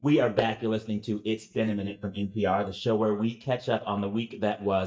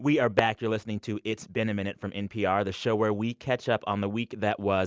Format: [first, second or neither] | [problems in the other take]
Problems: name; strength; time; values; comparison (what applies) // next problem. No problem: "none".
second | noise reduction (neural mask model DeepFilterNet 3)